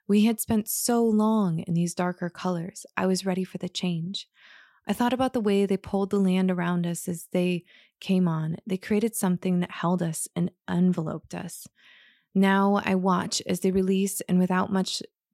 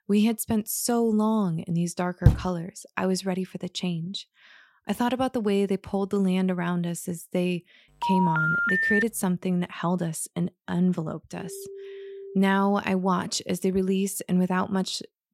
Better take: first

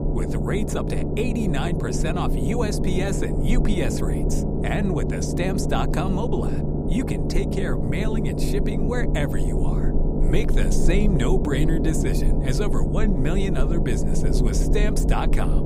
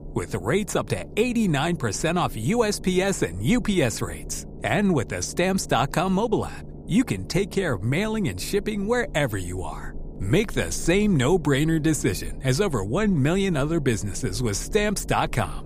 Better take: second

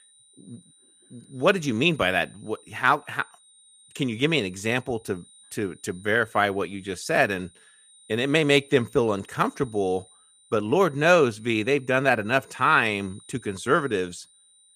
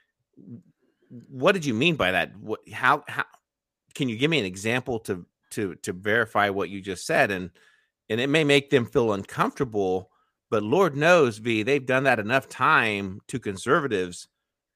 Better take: second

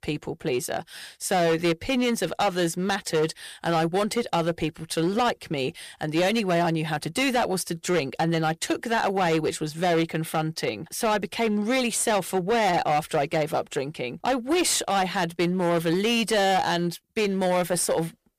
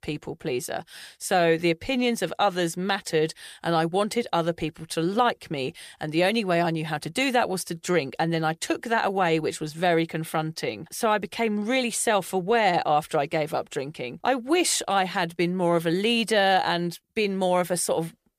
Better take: second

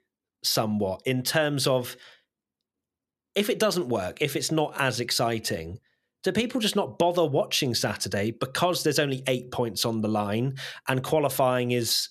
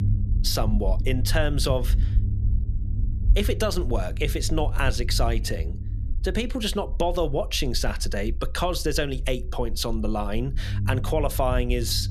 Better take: first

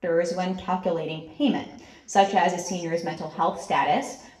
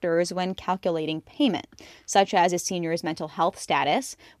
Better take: second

